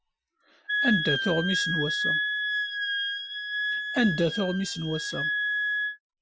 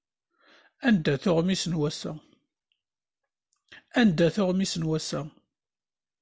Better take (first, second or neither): second